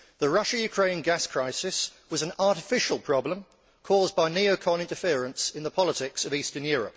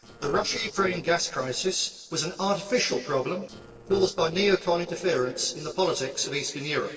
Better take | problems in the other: first | noise reduction (neural separator model SepFormer DNS4)

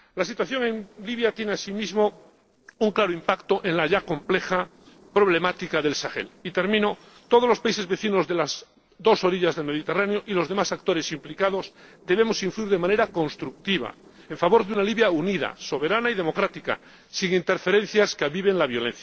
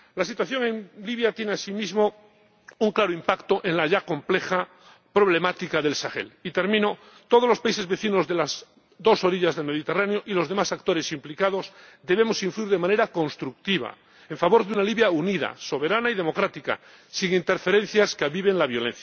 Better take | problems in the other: second | noise reduction (neural separator model SepFormer DNS4)

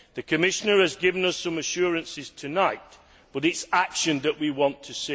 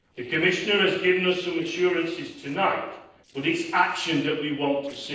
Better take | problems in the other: first | noise reduction (neural separator model SepFormer DNS4)

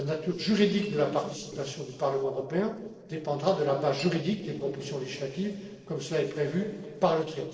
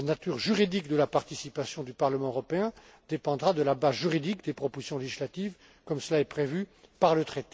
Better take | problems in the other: second | noise reduction (neural separator model SepFormer DNS4)

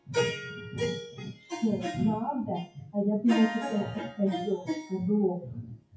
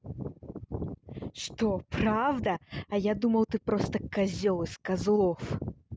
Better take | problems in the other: second | noise reduction (classical method WPE with log-MMSE)

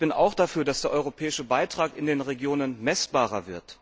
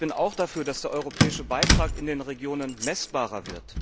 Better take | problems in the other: first | background sound (Keys jangling); 1 dB above the speech

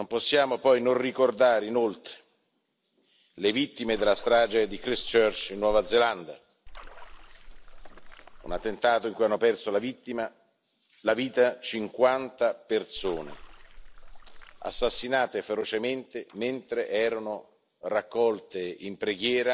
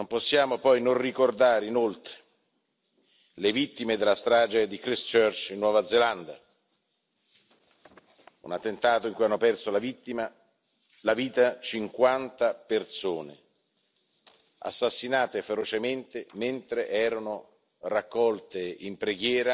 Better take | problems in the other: second | background sound (Splash, splatter); 13 dB below the speech

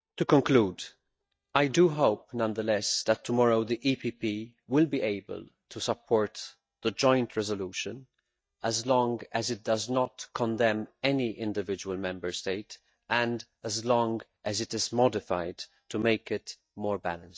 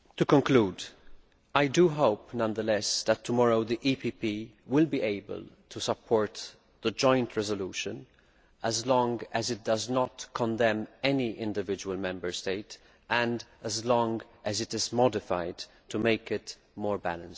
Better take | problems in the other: second | noise reduction (neural mask model DeepFilterNet 3)

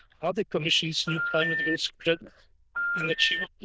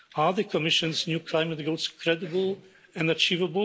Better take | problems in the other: second | noise reduction (neural diffusion model UNIVERSE++)

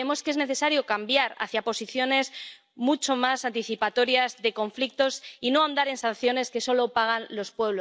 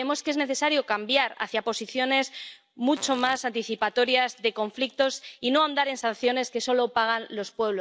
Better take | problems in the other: first | background sound (Fart); 19 dB below the speech

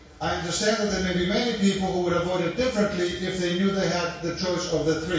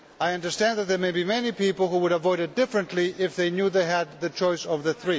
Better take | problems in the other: second | room echo; dies away in 0.6 s

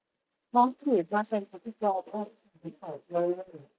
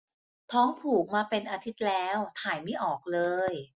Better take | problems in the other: second | noise reduction (neural mask model DeepFilterNet 3)

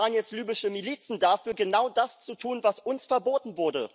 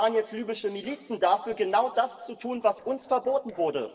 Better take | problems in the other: first | noise reduction (neural separator model SepFormer DNS4)

